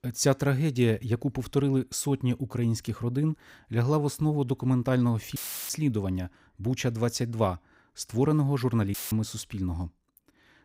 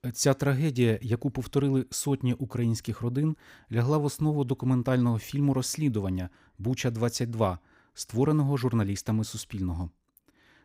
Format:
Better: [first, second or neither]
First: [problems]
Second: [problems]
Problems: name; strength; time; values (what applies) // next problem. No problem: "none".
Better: second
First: audio cutting out; filled with static; at 5.5 s and at 9 s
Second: none